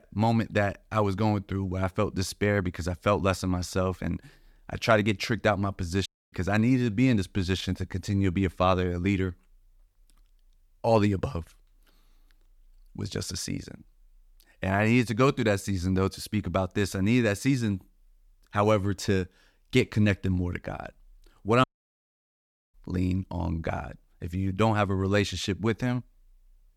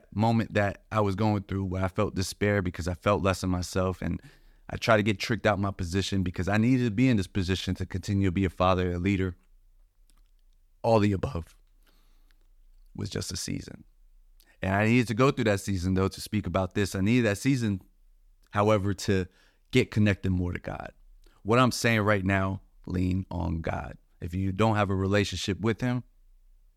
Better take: second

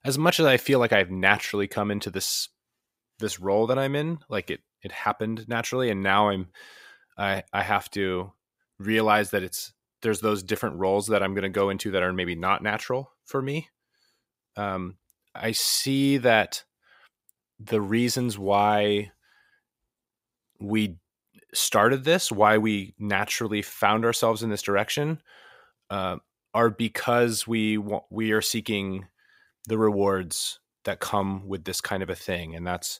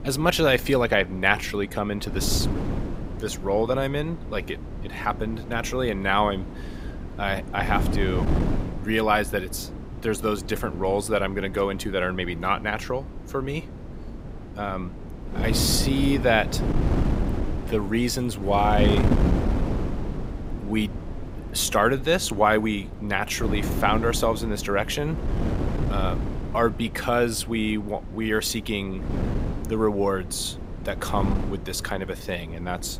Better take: first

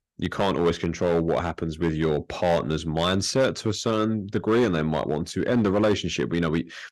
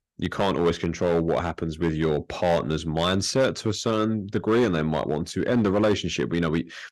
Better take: neither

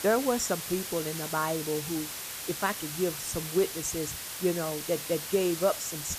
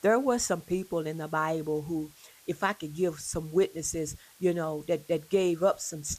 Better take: second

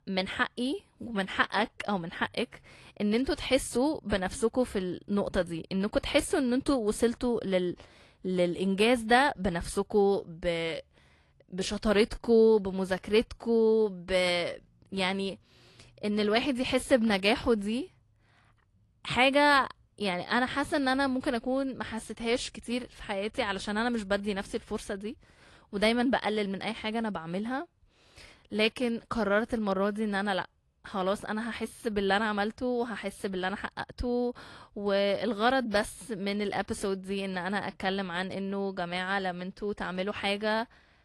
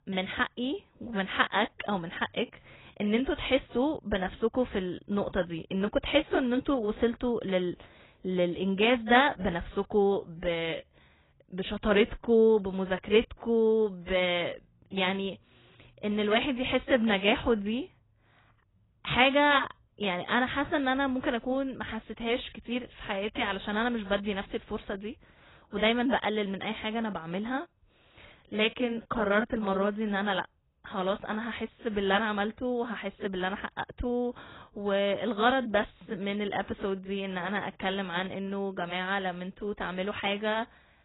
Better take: first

